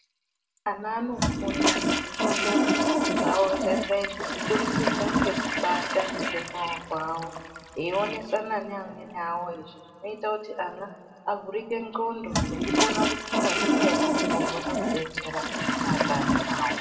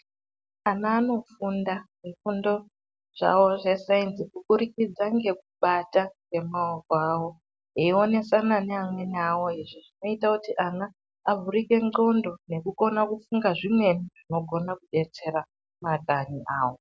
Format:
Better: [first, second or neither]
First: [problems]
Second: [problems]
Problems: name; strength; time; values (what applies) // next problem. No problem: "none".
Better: second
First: background sound (Toilet flush); 3 dB above the speech // room echo; dies away in 1.6 s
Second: none